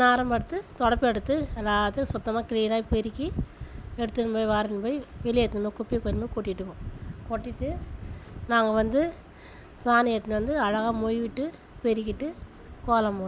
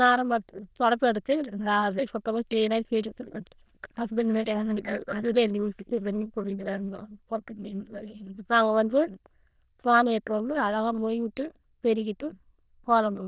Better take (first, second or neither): first